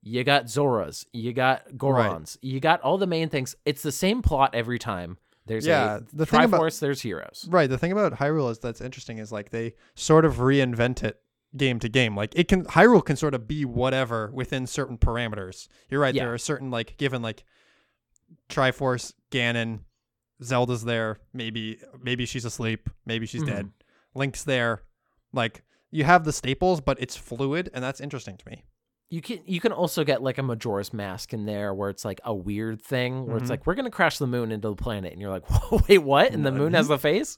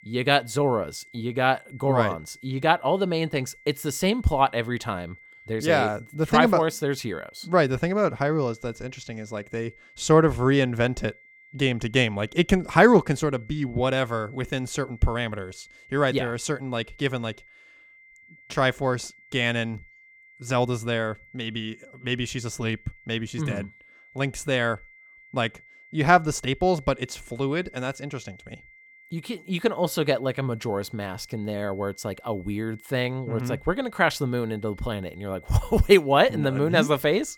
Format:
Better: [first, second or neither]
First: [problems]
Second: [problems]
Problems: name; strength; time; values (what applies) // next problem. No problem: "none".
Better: first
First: none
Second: high-pitched whine; faint; throughout; 2 kHz, 25 dB below the speech